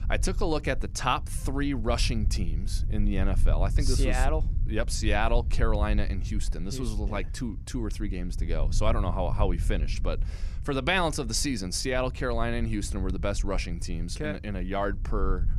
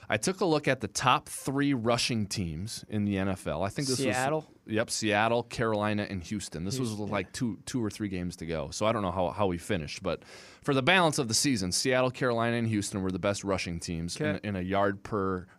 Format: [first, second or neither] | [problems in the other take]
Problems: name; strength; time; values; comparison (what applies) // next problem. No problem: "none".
second | low rumble; noticeable; throughout; 20 dB below the speech